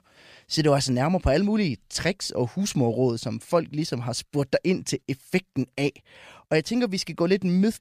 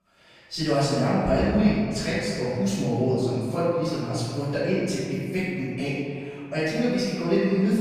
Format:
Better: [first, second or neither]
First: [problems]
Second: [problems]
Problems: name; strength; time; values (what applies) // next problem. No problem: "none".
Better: first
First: none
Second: room echo; strong; dies away in 2 s // off-mic speech; far